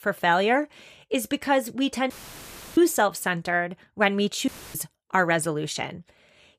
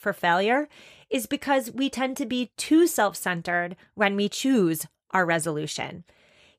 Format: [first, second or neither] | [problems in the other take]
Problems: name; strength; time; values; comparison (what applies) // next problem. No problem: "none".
second | audio cutting out; filled with static; at 2 s for 0.5 s and at 4.5 s